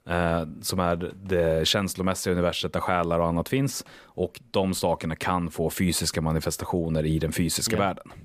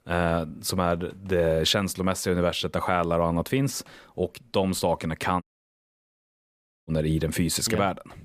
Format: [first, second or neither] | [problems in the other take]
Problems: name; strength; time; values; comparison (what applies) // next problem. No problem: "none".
first | audio cutting out; at 5.5 s for 1.5 s